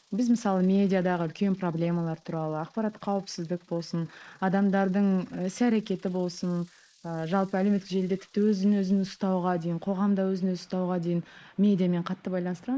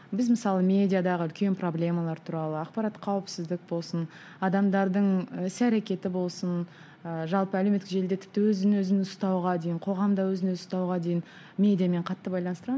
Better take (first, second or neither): second